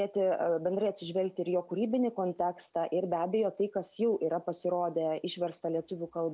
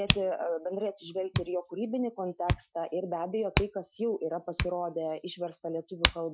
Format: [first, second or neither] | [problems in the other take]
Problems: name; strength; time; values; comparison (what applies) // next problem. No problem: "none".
first | noise reduction (classical method Wiener filter)